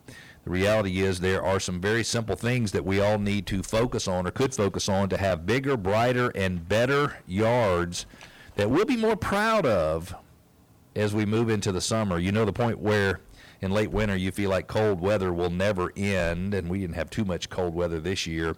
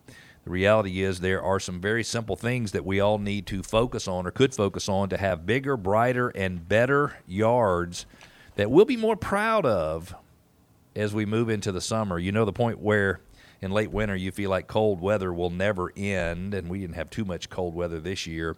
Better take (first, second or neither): second